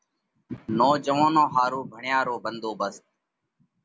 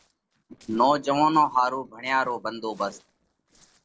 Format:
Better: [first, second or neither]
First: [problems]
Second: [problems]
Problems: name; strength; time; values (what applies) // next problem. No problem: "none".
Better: first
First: none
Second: noise reduction (neural separator model SepFormer DNS4)